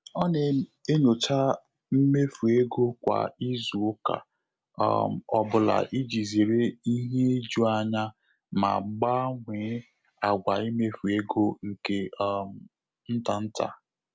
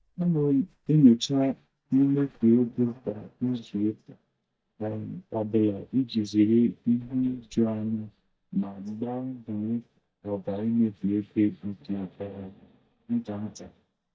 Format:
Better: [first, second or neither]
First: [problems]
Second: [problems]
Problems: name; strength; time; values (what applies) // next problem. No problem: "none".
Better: first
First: none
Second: noise reduction (neural mask model DeepFilterNet 3)